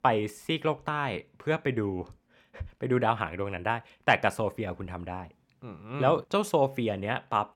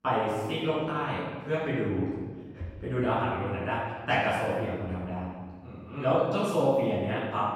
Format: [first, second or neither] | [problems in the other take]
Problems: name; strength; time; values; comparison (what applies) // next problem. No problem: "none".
first | off-mic speech; far // room echo; strong; dies away in 1.4 s